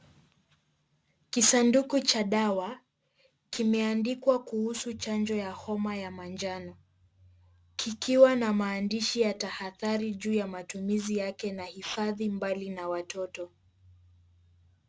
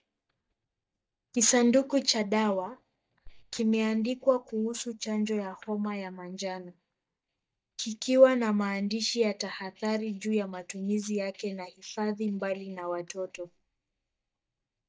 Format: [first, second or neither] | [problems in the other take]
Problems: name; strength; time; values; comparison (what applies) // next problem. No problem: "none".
first | noise reduction (neural mask model DeepFilterNet 3)